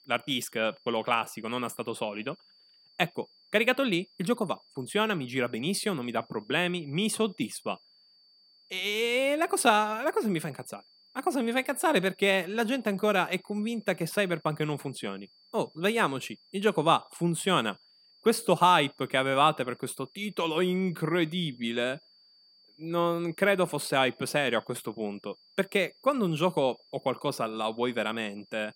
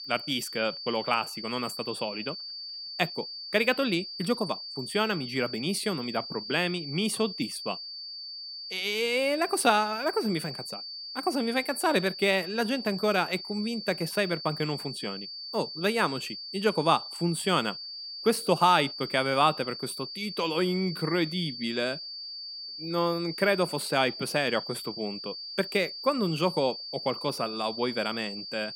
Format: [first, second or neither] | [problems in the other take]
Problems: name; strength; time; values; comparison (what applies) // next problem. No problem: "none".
first | high-pitched whine; loud; throughout; 4.5 kHz, 8 dB below the speech; faint in the first